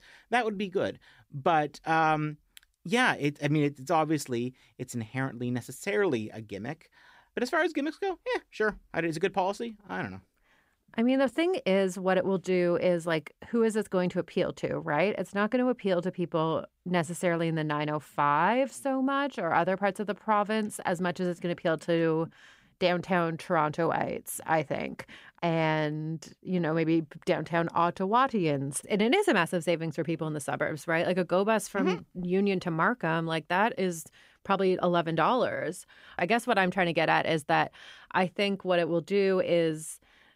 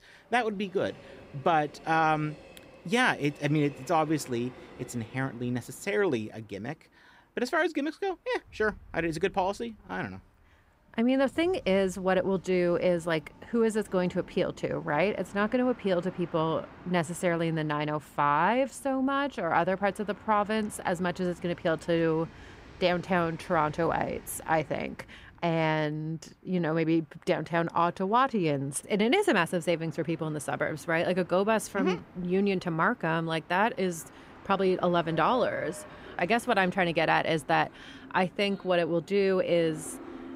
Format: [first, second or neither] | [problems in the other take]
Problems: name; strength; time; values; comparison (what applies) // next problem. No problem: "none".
first | train or aircraft noise; faint; throughout; 20 dB below the speech